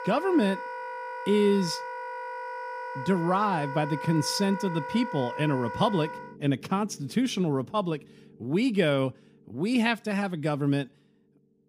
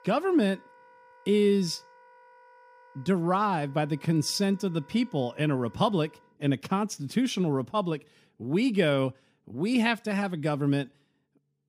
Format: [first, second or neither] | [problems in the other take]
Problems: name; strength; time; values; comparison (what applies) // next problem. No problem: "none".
second | background music; loud; throughout; 9 dB below the speech; faint in the second